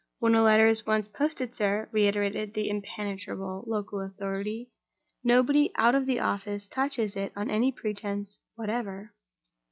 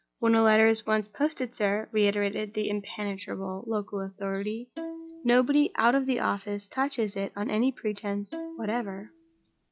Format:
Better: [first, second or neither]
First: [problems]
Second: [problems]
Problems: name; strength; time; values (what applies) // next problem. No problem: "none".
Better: first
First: none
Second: background sound (Bowed string instrument); 14 dB below the speech